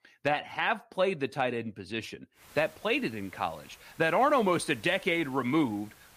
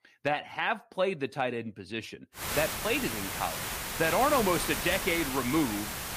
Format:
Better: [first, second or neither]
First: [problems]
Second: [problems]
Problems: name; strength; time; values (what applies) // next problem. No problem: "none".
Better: first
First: hiss; faint; from 2.5 s on; 25 dB below the speech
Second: hiss; loud; from 2.5 s on; 3 dB below the speech